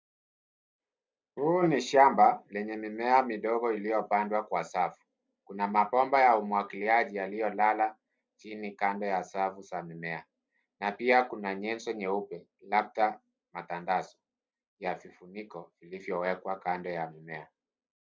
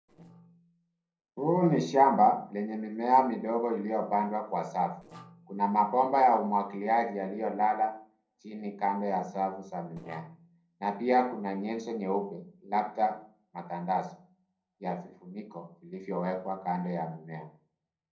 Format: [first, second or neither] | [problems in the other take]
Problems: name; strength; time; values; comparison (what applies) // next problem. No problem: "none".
first | noise reduction (neural separator model SepFormer DNS4)